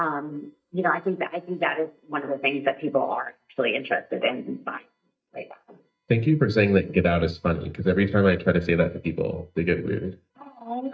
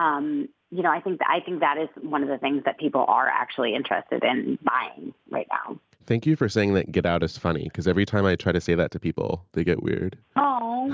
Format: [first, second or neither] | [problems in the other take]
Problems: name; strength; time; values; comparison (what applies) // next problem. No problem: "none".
second | noise reduction (neural mask model DeepFilterNet 3)